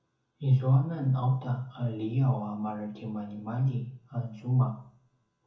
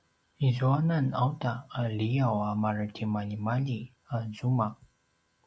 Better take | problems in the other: second | room echo; dies away in 0.6 s

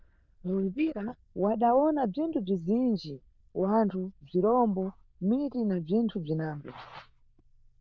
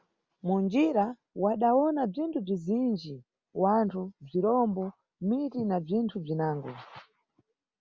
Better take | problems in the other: second | noise reduction (neural diffusion model UNIVERSE++)

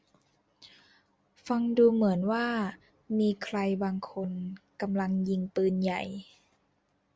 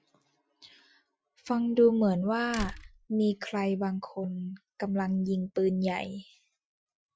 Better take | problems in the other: first | noise reduction (classical method Wiener filter)

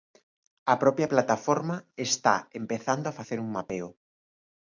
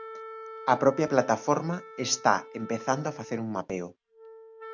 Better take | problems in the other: first | background sound (Wind instrument, woodwind instrument); 15 dB below the speech

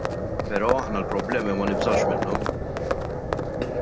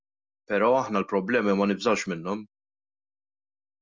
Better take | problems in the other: second | background sound (Livestock, farm animals, working animals); 3 dB above the speech

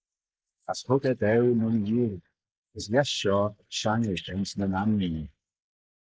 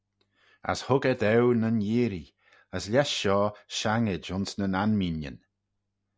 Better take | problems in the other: second | noise reduction (neural mask model Resemble Enhance denoiser)

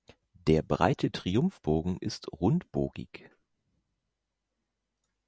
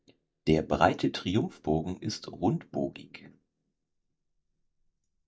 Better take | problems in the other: first | noise reduction (neural mask model DeepFilterNet 3)

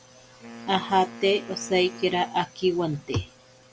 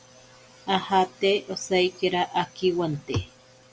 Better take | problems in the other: second | background sound (Wind instrument, woodwind instrument); 18 dB below the speech

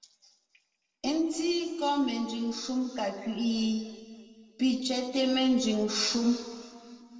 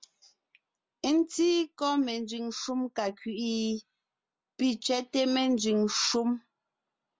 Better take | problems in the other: second | room echo; dies away in 2.1 s

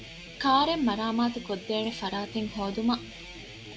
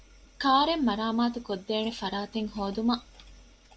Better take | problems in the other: second | background sound (Guitar); 15 dB below the speech

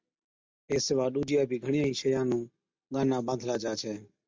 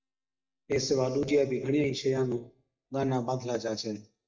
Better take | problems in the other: first | noise reduction (neural mask model DeepFilterNet 3)

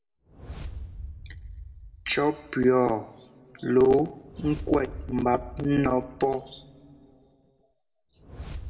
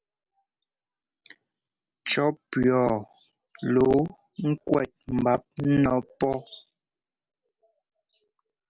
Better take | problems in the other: second | background sound (Whoosh, swoosh, swish); 15 dB below the speech // room echo; dies away in 1.4 s

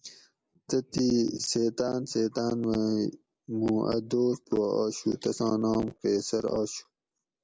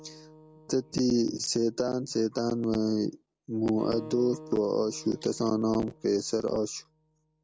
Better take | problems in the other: first | background sound (Acoustic guitar); 20 dB below the speech

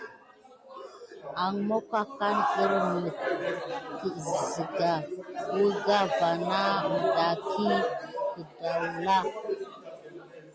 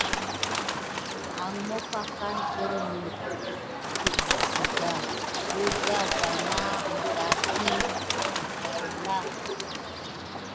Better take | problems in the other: first | background sound (Bird); 3 dB above the speech

